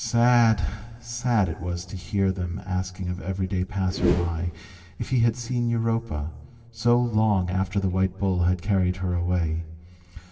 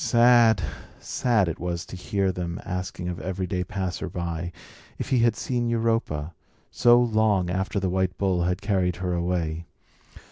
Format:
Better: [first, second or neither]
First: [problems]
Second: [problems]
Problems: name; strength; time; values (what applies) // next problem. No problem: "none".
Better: second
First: background sound (Whoosh, swoosh, swish); 5 dB below the speech // room echo; dies away in 1.7 s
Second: none